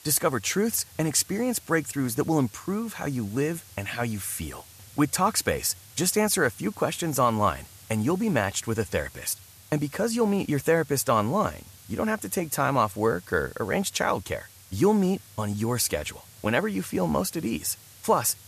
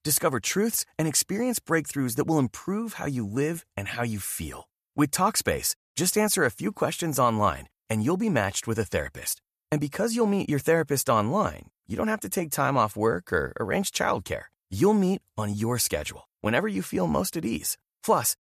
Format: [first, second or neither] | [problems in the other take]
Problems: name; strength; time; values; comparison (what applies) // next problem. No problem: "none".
second | hiss; faint; throughout; 20 dB below the speech